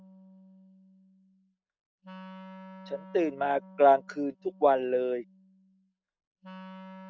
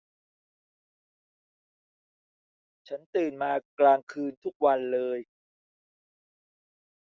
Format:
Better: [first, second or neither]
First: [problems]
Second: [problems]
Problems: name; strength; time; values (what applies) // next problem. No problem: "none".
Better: second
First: noise reduction (neural mask model RNNoise)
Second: none